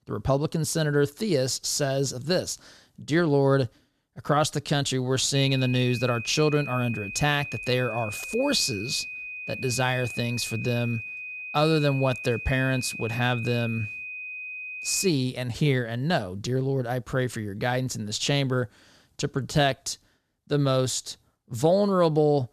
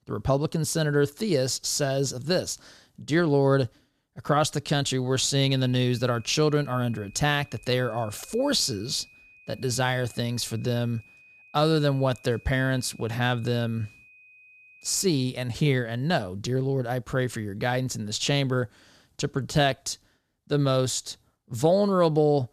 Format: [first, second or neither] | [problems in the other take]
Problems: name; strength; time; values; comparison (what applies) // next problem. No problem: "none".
second | high-pitched whine; loud; from 5.5 to 15 s; 2.5 kHz, 9 dB below the speech; faint in the second